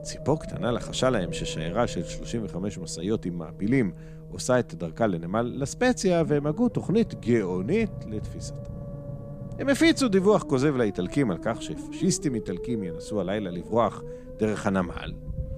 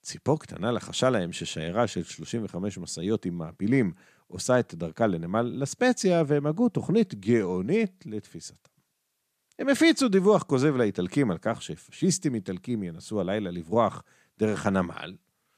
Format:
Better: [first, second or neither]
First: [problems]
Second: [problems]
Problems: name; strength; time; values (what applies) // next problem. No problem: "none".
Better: second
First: low rumble; noticeable; throughout; 15 dB below the speech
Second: none